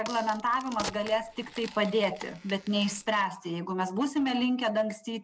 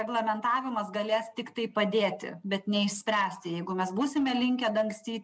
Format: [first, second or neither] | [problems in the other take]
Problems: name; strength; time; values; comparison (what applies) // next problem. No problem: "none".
second | background sound (Crack); 14 dB below the speech